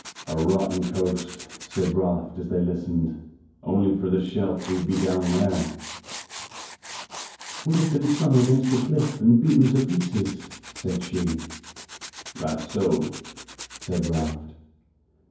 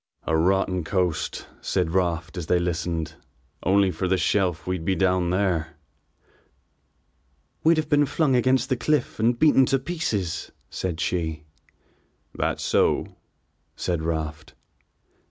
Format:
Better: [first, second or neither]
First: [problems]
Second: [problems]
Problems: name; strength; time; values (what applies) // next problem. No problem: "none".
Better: second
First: background sound (Tools); 16 dB below the speech // room echo; dies away in 0.9 s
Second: none